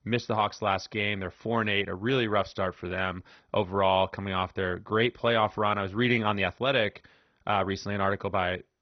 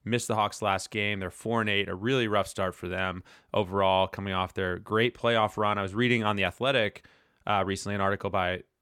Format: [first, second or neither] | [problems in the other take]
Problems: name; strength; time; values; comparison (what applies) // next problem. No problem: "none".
second | garbled, watery; badly; nothing above 6 kHz